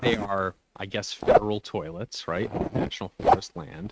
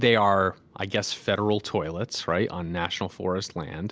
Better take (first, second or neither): second